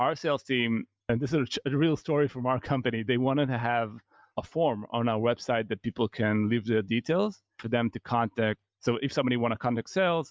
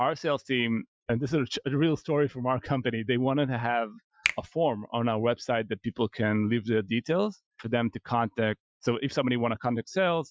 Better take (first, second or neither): first